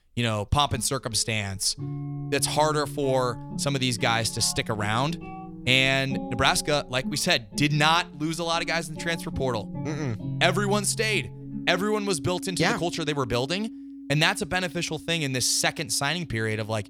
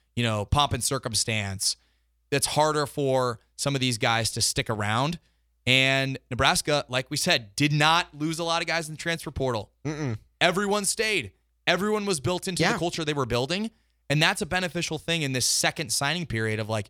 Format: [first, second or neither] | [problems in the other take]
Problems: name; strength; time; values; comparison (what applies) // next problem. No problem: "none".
second | background music; noticeable; throughout; 10 dB below the speech